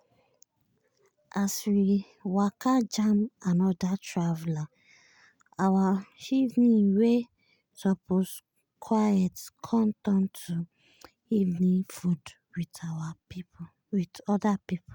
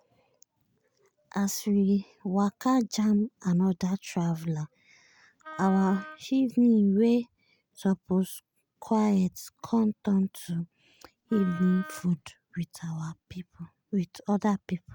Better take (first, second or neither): first